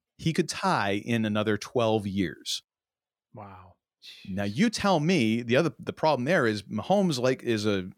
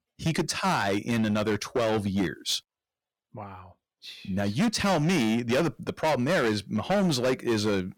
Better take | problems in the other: first | distortion; heavy; 13% of the sound clipped

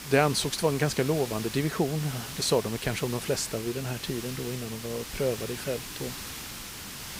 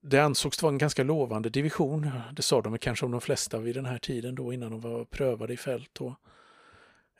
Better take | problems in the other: second | hiss; loud; throughout; 8 dB below the speech

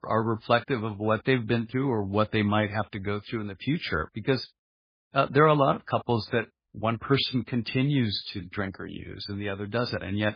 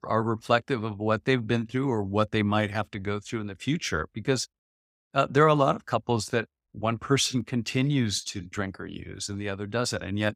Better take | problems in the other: second | garbled, watery; badly

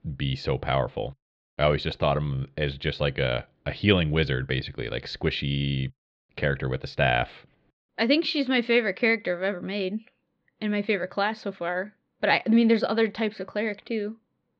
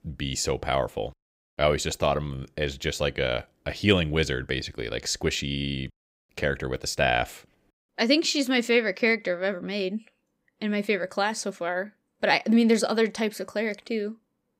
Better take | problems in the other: second | muffled; very slightly; fading above 4 kHz

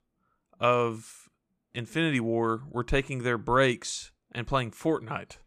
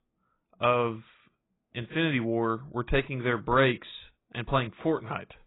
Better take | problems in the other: first | garbled, watery; badly; nothing above 4 kHz

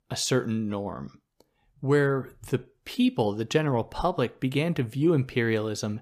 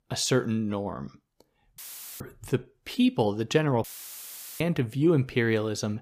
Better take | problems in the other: first | audio cutting out; filled with static; at 2 s and at 4 s for 1 s

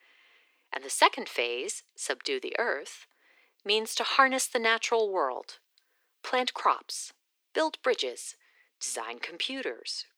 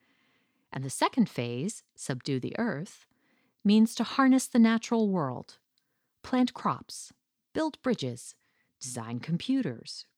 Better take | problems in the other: second | thin; very; fading below 350 Hz

